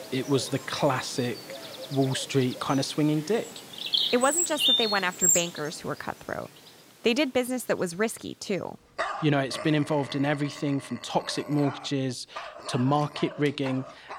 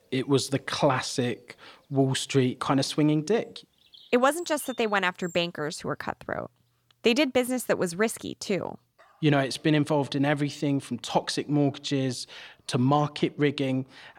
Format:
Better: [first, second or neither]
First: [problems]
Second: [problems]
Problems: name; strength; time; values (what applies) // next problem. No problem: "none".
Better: second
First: animal sounds; loud; throughout; 1 dB below the speech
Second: animal sounds; faint; throughout; 30 dB below the speech